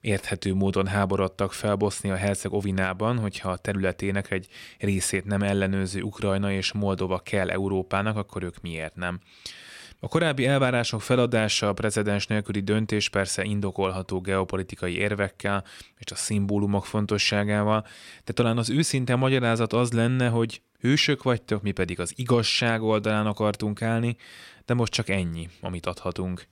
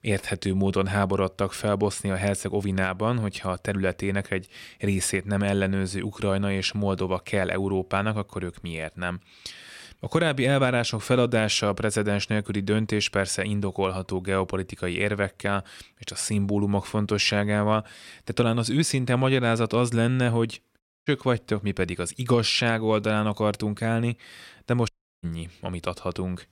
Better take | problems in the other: first | audio cutting out; at 21 s and at 25 s

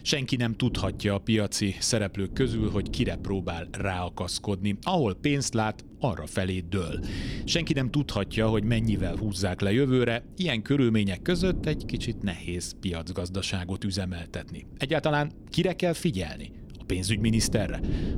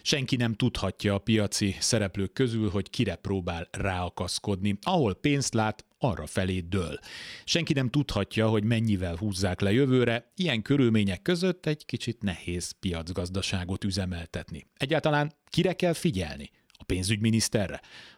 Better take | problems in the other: second | wind noise on the microphone; occasional gusts; 15 dB below the speech

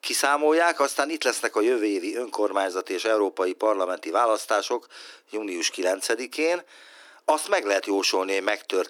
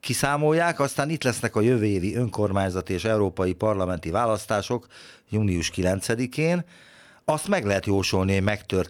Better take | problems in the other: second | thin; very; fading below 300 Hz

